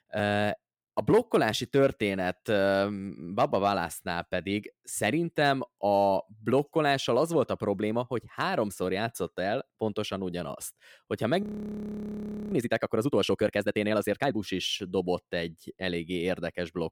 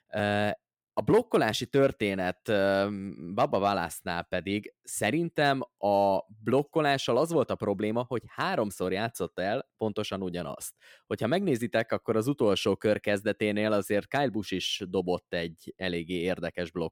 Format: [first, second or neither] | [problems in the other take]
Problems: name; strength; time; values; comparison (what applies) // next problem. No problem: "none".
second | audio freezing; at 11 s for 1 s